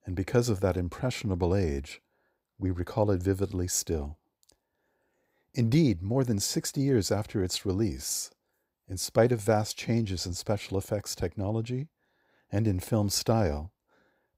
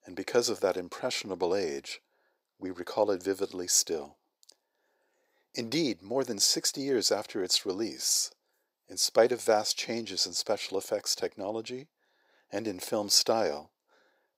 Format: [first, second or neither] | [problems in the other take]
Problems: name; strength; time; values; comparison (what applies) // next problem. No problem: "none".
first | thin; somewhat; fading below 450 Hz